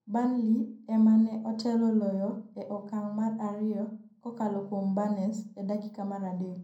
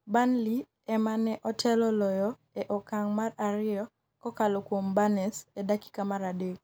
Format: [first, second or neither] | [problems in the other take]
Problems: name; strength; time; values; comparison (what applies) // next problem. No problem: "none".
second | room echo; dies away in 0.6 s